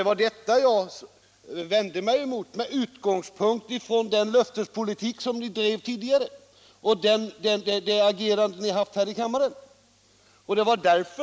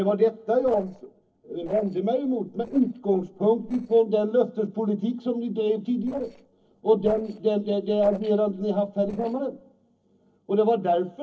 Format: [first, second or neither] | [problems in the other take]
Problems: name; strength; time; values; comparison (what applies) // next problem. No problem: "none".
first | noise reduction (neural separator model SepFormer DNS4)